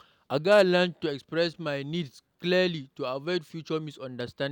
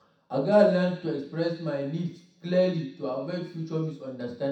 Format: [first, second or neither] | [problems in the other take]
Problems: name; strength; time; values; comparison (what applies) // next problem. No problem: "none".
first | room echo; dies away in 0.7 s